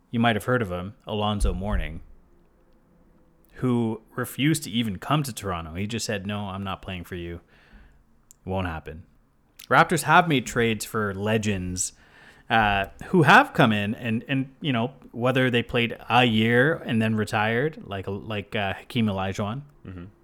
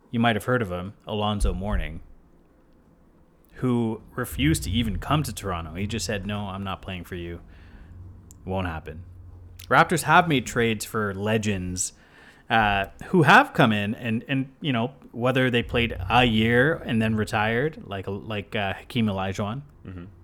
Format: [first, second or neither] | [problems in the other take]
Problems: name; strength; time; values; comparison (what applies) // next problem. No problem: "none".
first | traffic noise; noticeable; throughout; 15 dB below the speech